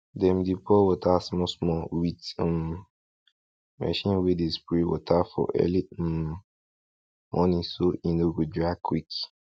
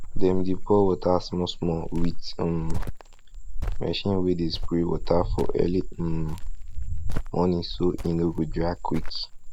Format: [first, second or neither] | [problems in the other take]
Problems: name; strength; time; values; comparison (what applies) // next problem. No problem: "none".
first | background sound (Cricket); 1 dB above the speech